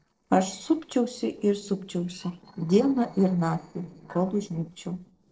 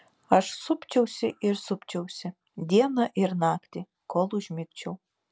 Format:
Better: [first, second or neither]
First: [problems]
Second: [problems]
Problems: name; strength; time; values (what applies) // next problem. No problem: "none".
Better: second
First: noise reduction (neural separator model SepFormer DNS4)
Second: none